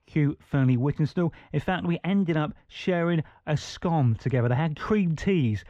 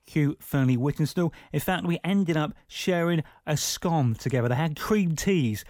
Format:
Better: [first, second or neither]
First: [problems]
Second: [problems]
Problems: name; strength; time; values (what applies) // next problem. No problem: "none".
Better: second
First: muffled; slightly; fading above 3 kHz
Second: none